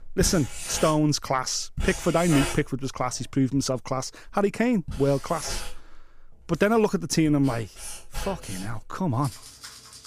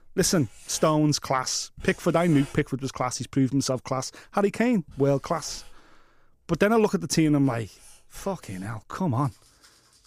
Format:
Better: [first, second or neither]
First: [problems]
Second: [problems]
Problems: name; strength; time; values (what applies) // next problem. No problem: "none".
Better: second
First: household noises; loud; throughout; 10 dB below the speech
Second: household noises; faint; throughout; 25 dB below the speech